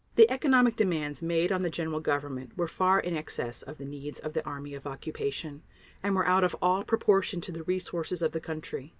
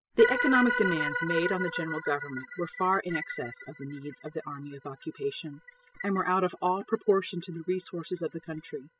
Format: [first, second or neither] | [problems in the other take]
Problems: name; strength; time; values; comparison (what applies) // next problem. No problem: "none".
first | noise reduction (classical method spectral subtraction)